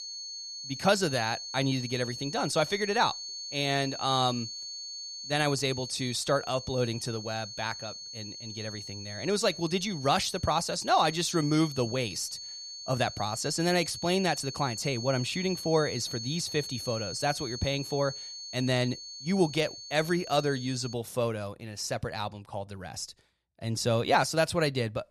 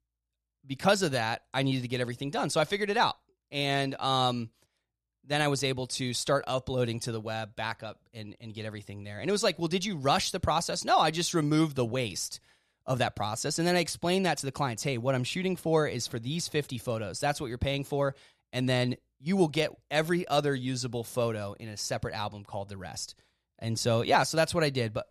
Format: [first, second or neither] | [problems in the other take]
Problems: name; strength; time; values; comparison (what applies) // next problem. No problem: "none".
second | high-pitched whine; loud; until 21 s; 4.5 kHz, 9 dB below the speech